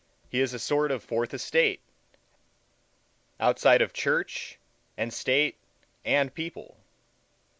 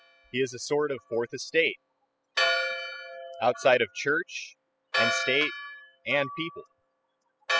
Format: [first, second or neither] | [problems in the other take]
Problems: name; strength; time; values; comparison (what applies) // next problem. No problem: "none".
first | noise reduction (classical method spectral subtraction)